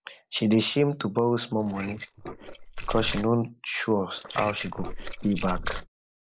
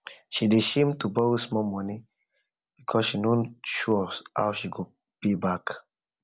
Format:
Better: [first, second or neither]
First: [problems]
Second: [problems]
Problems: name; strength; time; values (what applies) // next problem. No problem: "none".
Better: second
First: noise reduction (neural mask model Resemble Enhance denoiser)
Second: none